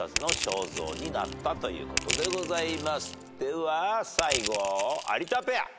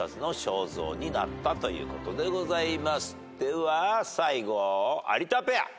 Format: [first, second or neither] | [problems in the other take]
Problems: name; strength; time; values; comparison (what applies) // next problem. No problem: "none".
second | background sound (Crushing); 4 dB below the speech